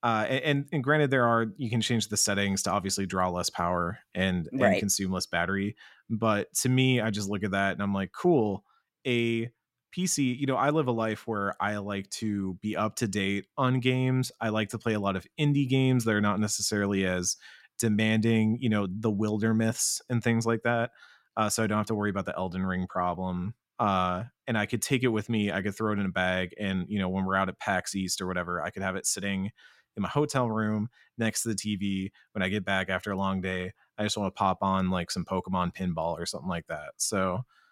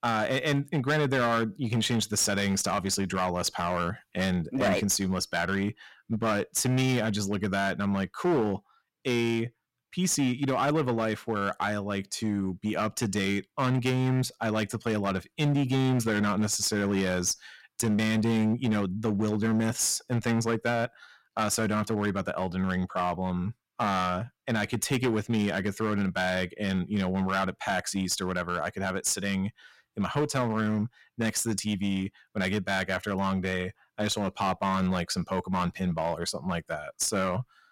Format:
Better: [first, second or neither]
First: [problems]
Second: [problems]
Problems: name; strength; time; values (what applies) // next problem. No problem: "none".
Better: first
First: none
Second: distortion; slight; 9% of the sound clipped